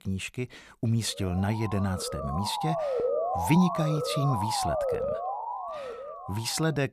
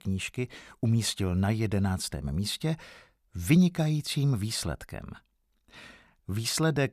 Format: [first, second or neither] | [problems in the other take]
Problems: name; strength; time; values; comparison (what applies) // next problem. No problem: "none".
second | siren; loud; from 1 s on; peak 2 dB above the speech